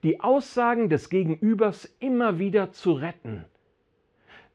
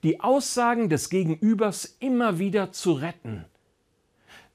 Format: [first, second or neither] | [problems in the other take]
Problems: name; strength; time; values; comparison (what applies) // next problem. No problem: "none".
second | muffled; slightly; fading above 2.5 kHz